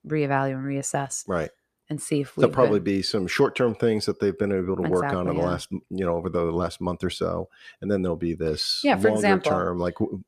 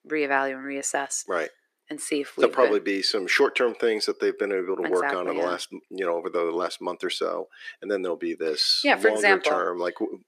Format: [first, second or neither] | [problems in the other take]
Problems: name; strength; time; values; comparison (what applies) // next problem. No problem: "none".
first | thin; somewhat; fading below 300 Hz